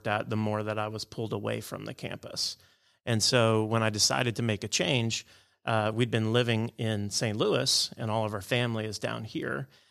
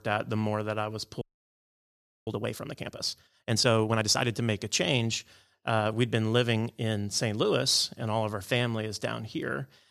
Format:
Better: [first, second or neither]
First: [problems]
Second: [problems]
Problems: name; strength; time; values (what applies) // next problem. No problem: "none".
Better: first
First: none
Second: audio freezing; at 1 s for 1 s